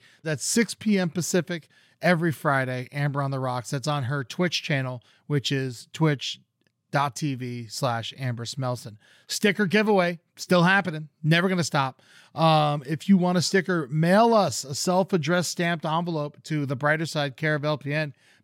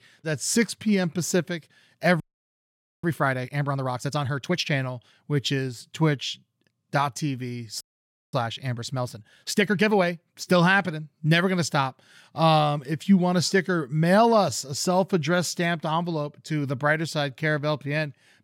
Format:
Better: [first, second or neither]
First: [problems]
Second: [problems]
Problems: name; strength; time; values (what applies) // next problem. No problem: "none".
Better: first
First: none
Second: audio freezing; at 2 s for 1 s and at 8 s for 0.5 s